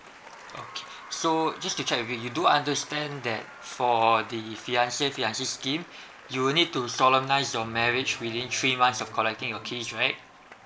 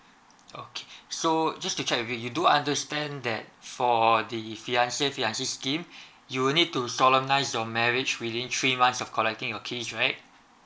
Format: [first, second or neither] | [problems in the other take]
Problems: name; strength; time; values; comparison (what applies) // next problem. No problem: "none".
second | background sound (Electric guitar / Bass guitar + Applause); 18 dB below the speech